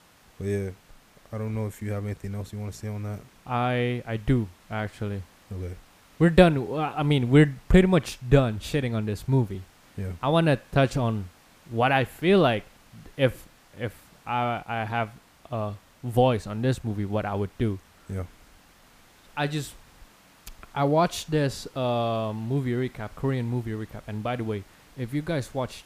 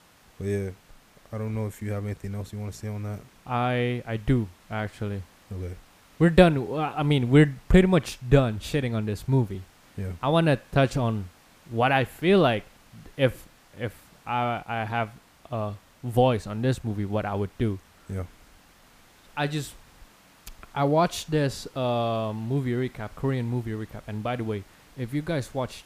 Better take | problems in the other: neither | hiss; faint; throughout; 30 dB below the speech; the same in both

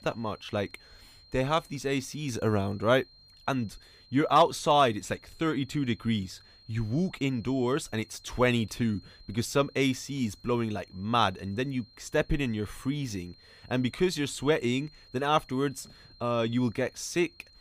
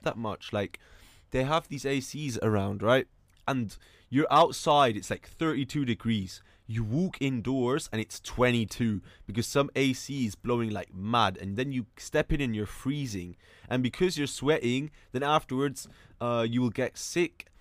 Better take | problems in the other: second | high-pitched whine; faint; throughout; 4 kHz, 25 dB below the speech

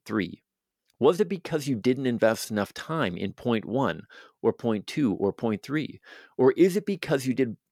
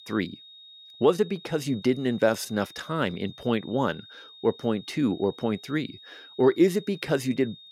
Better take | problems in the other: first | high-pitched whine; noticeable; throughout; 3.5 kHz, 20 dB below the speech

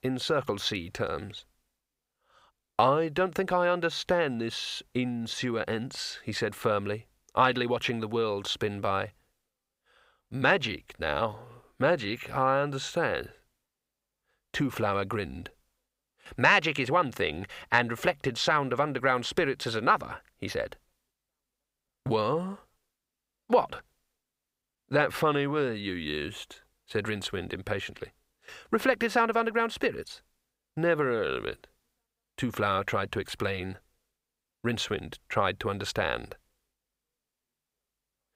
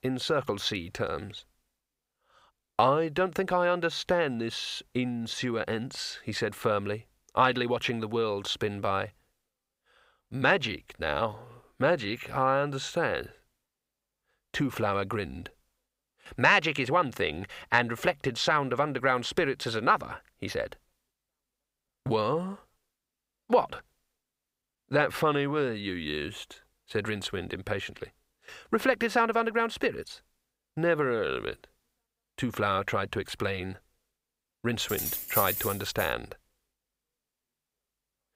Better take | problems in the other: first | jangling keys; loud; from 35 to 36 s; peak 1 dB above the speech

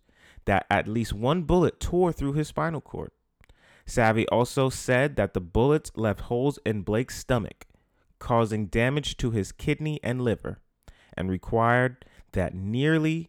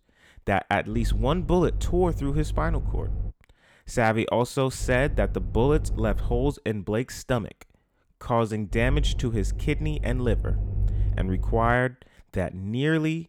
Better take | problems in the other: first | low rumble; faint; from 1 to 3.5 s, from 5 to 6.5 s and from 8.5 to 12 s; 20 dB below the speech

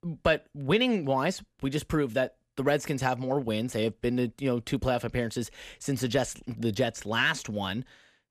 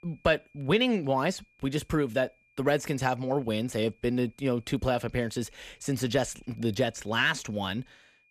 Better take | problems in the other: first | high-pitched whine; faint; throughout; 2.5 kHz, 35 dB below the speech

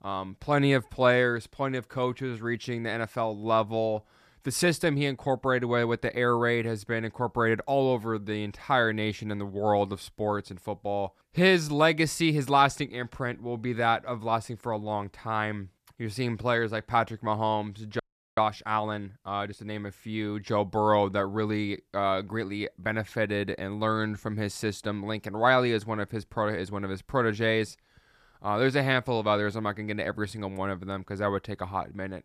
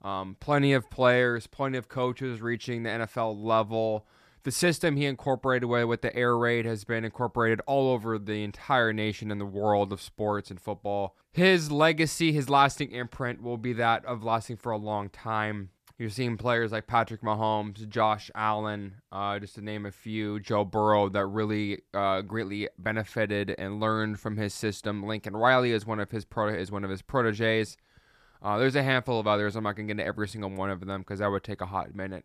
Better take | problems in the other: second | audio freezing; at 18 s

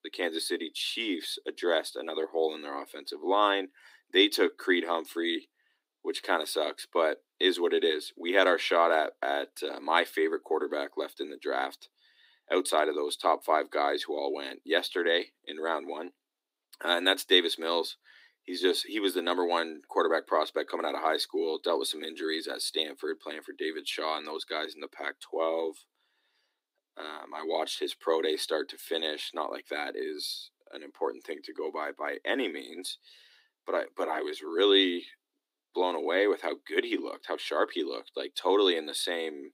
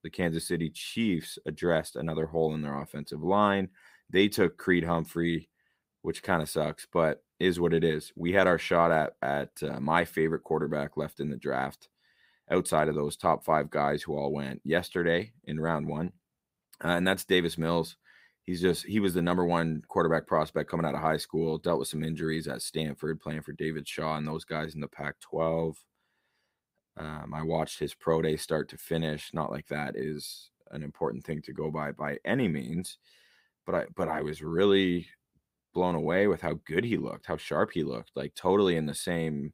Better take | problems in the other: second | thin; somewhat; fading below 300 Hz

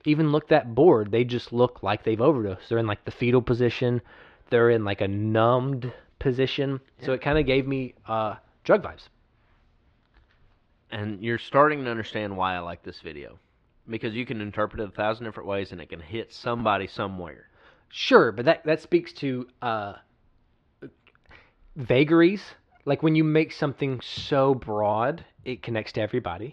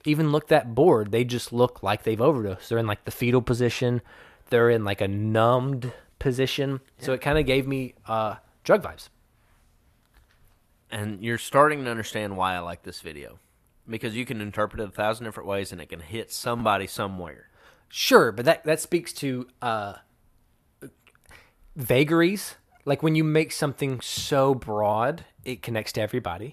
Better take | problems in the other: second | muffled; very slightly; fading above 4.5 kHz

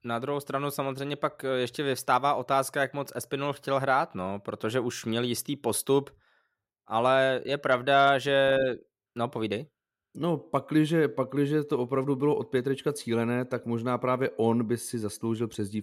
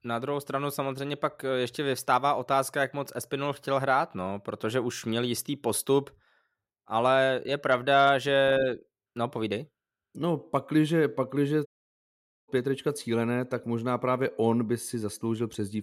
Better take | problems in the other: first | audio cutting out; at 12 s for 1 s

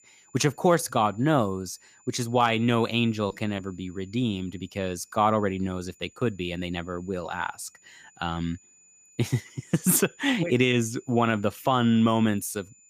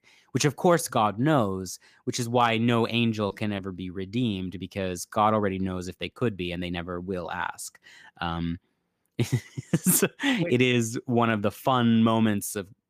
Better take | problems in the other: second | high-pitched whine; faint; throughout; 7 kHz, 30 dB below the speech

